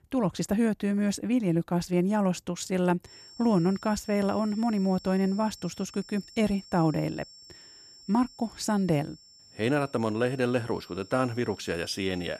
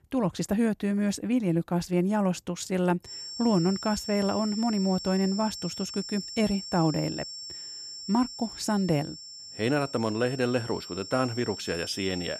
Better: first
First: high-pitched whine; faint; from 3 s on; 5.5 kHz, 20 dB below the speech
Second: high-pitched whine; loud; from 3 s on; 5.5 kHz, 9 dB below the speech

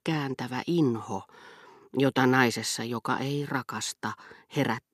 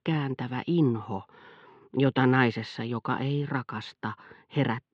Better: first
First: none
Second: muffled; slightly; fading above 3.5 kHz

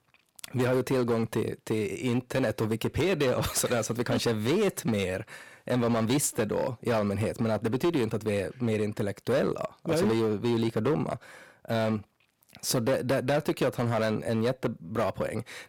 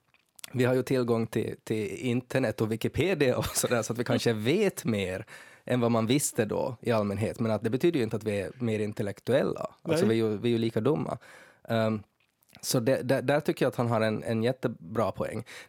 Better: second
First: distortion; slight; 9% of the sound clipped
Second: none

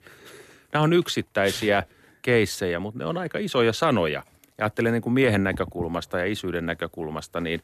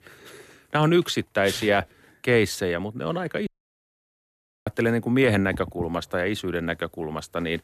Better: first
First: none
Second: audio cutting out; at 3.5 s for 1 s

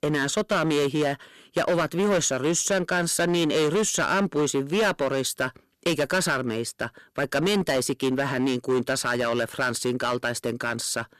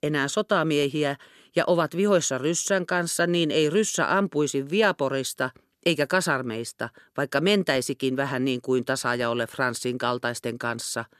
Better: second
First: distortion; heavy; 13% of the sound clipped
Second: none

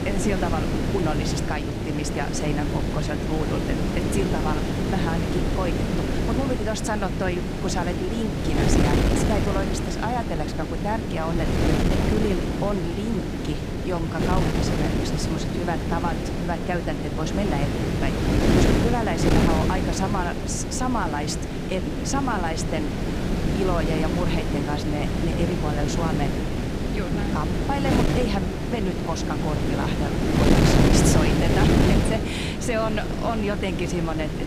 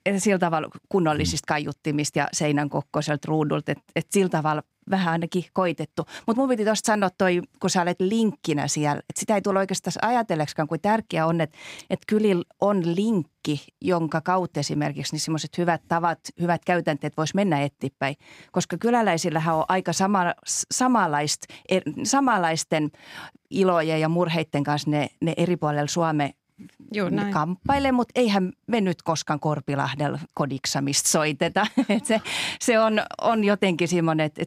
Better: second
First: wind noise on the microphone; heavy; 1 dB above the speech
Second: none

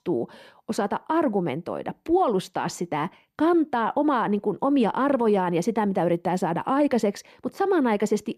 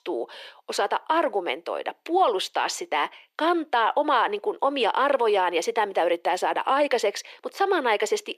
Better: first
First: none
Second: thin; very; fading below 400 Hz

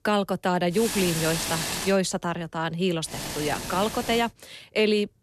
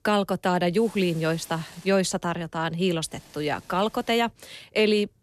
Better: second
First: hiss; loud; from 1 to 2 s and from 3 to 4 s; 4 dB below the speech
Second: hiss; faint; from 1 to 2 s and from 3 to 4 s; 25 dB below the speech

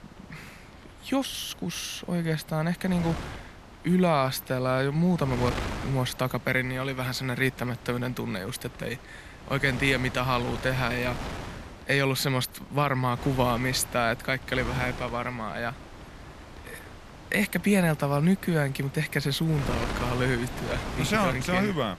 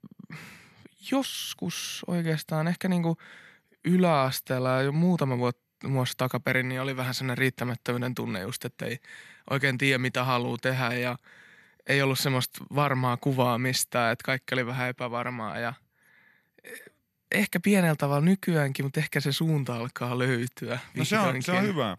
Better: second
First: wind noise on the microphone; occasional gusts; 10 dB below the speech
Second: none

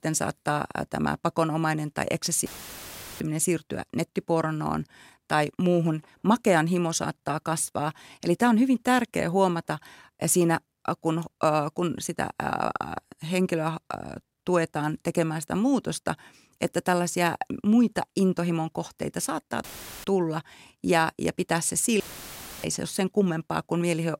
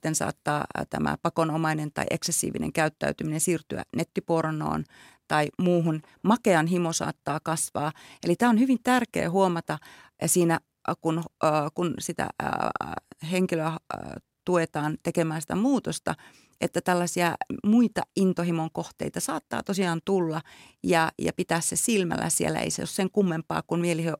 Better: second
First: audio cutting out; filled with static; at 2.5 s for 0.5 s, at 20 s and at 22 s for 0.5 s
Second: none

